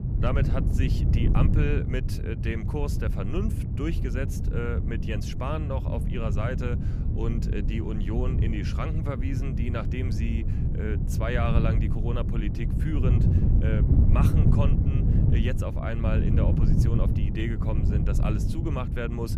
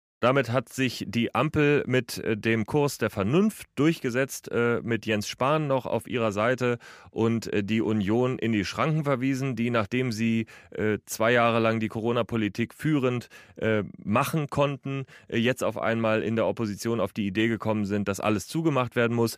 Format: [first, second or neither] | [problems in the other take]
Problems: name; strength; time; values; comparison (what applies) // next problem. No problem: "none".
second | wind noise on the microphone; heavy; 3 dB below the speech